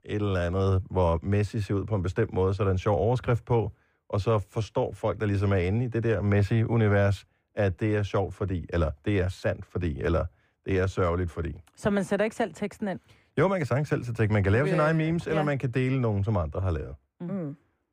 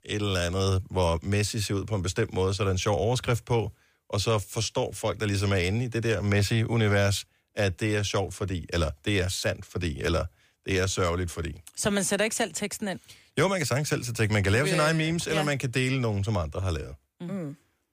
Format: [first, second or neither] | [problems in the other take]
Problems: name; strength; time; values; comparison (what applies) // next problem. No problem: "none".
second | muffled; very; fading above 2.5 kHz